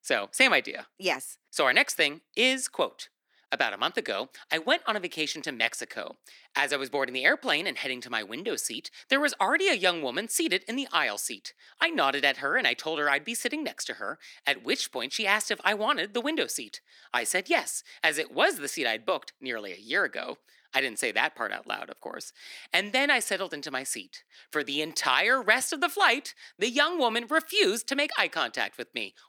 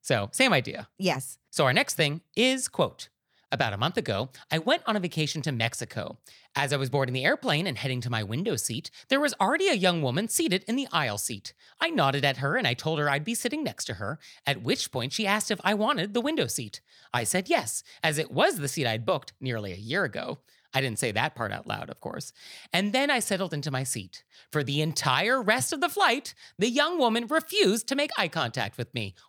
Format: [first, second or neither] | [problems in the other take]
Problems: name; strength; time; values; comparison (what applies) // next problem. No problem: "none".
second | thin; somewhat; fading below 300 Hz